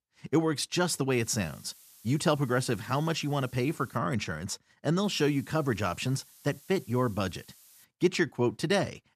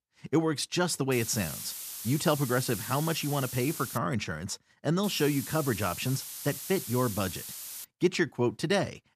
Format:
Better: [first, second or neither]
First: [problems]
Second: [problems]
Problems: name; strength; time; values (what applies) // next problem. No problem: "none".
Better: first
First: hiss; faint; from 1 to 4 s and from 5 to 8 s; 25 dB below the speech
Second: hiss; loud; from 1 to 4 s and from 5 to 8 s; 8 dB below the speech